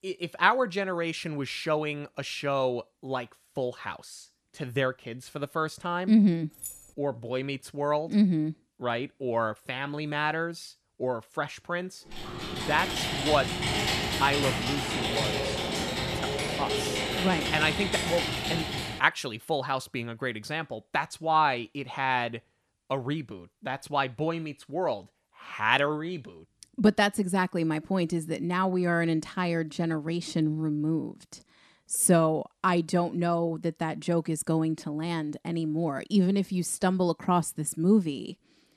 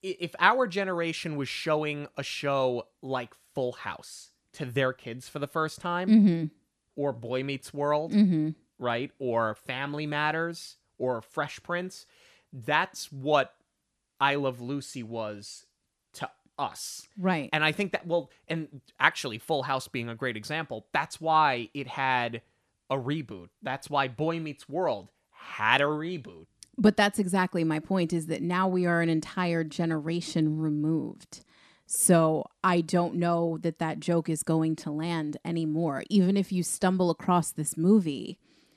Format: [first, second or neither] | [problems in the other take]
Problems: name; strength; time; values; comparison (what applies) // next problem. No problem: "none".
second | jangling keys; faint; at 6.5 s; peak 10 dB below the speech // keyboard typing; loud; from 12 to 19 s; peak 2 dB above the speech